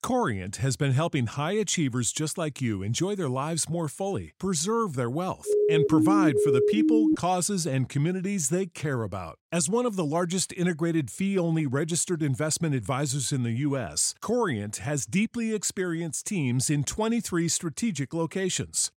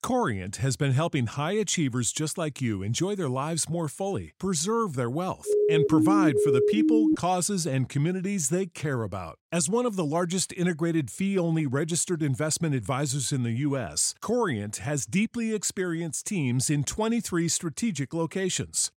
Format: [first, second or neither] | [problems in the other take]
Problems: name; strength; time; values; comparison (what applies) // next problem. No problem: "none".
neither | siren; loud; from 5.5 to 7 s; peak 5 dB above the speech; the same in both